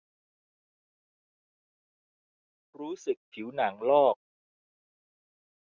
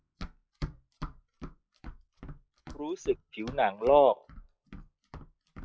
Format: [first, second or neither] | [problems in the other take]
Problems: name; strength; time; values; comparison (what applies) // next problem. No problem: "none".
first | noise reduction (classical method log-MMSE)